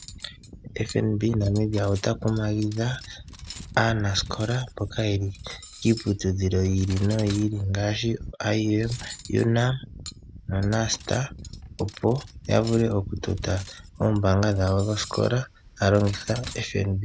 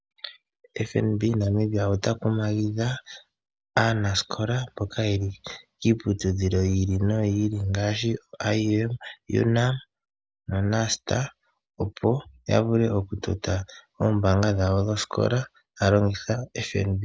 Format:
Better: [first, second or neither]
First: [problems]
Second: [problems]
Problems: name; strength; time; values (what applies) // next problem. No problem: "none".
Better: second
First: background sound (Cutlery, silverware); 15 dB below the speech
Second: none